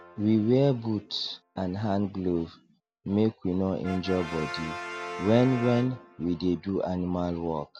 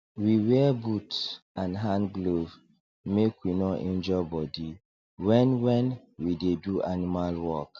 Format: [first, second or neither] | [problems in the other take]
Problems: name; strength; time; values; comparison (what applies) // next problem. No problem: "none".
second | background sound (Brass instrument); 15 dB below the speech